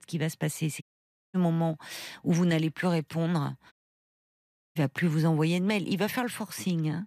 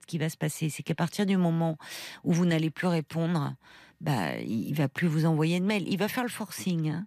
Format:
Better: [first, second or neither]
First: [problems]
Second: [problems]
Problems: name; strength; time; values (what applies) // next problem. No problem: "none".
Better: second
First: audio cutting out; at 1 s for 0.5 s and at 3.5 s for 1 s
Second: none